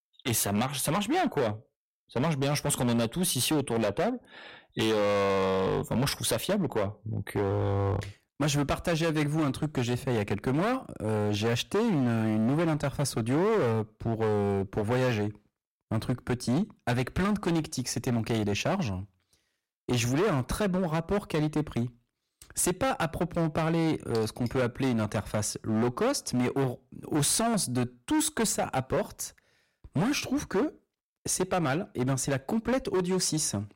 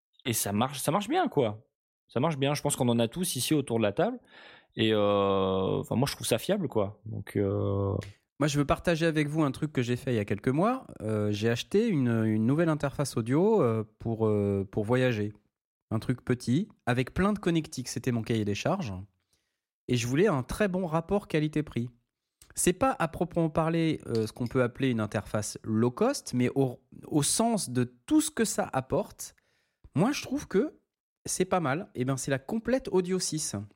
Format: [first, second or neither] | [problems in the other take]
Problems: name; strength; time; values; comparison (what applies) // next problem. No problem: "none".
second | distortion; heavy; 16% of the sound clipped